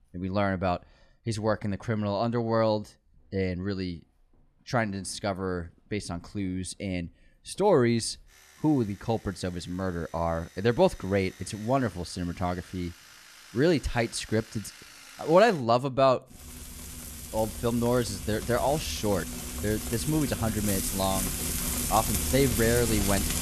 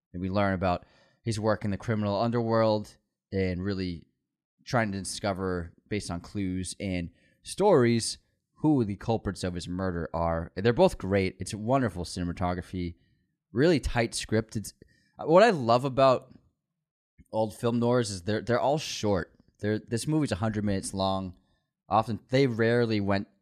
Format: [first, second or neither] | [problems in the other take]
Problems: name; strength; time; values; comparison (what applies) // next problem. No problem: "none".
second | household noises; loud; throughout; 4 dB below the speech